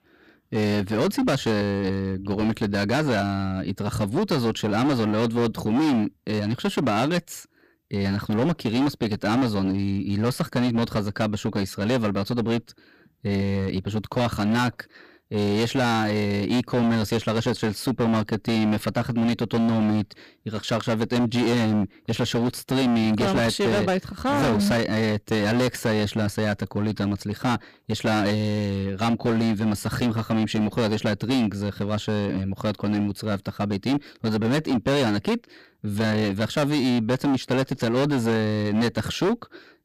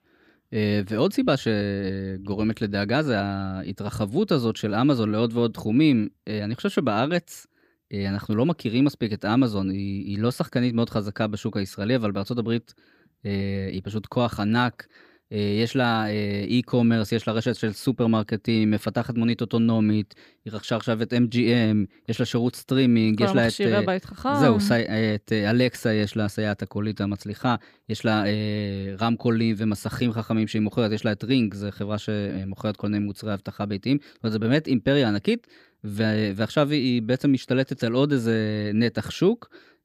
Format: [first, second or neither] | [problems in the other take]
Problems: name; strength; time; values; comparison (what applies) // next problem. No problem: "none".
second | distortion; heavy; 19% of the sound clipped